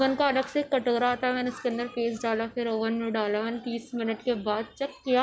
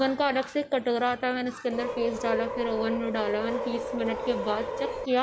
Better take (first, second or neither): first